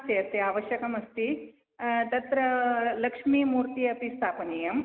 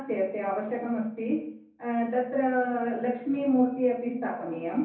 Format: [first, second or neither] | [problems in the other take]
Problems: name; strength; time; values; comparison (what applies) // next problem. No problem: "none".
first | room echo; dies away in 0.6 s